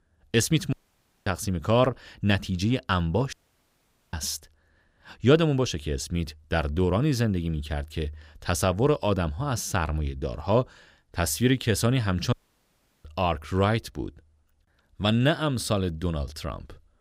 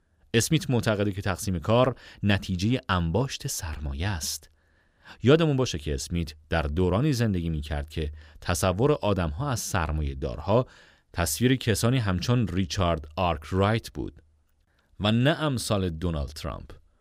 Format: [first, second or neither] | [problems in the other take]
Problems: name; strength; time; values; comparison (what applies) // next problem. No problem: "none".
second | audio cutting out; at 0.5 s for 0.5 s, at 3.5 s for 1 s and at 12 s for 0.5 s